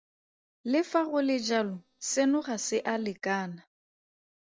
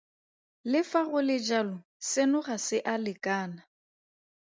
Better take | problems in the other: second | noise reduction (neural separator model SepFormer DNS4)

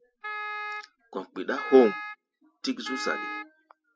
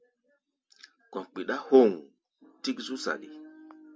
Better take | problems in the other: second | noise reduction (classical method spectral subtraction)

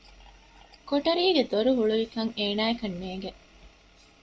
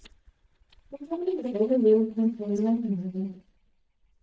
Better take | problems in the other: first | noise reduction (neural mask model DeepFilterNet 3)

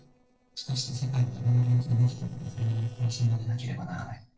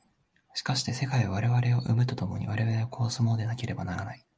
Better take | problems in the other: second | noise reduction (neural separator model SepFormer DNS4)

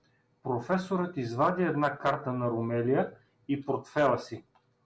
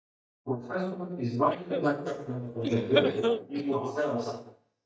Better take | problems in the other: first | noise reduction (neural mask model DeepFilterNet 3)

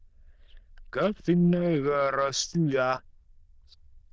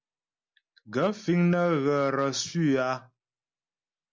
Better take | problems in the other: second | noise reduction (neural diffusion model UNIVERSE++)

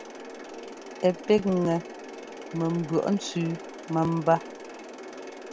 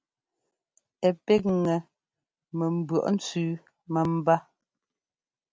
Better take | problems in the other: second | background sound (Mechanisms); 12 dB below the speech

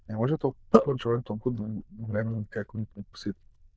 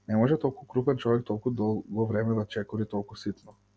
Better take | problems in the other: second | noise reduction (neural diffusion model UNIVERSE++)

